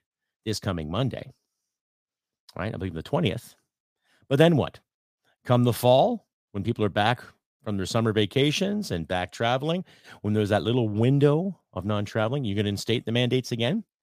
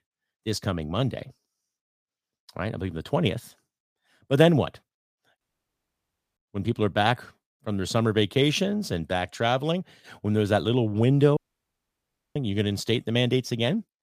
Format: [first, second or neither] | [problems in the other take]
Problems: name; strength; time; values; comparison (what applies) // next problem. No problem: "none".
first | audio cutting out; at 5.5 s for 1 s and at 11 s for 1 s